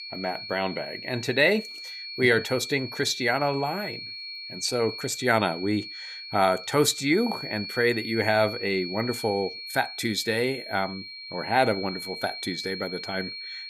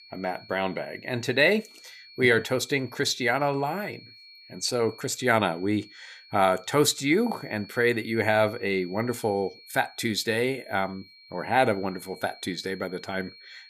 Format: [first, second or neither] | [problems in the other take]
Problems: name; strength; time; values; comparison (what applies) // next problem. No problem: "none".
second | high-pitched whine; loud; throughout; 4 kHz, 9 dB below the speech; faint in the second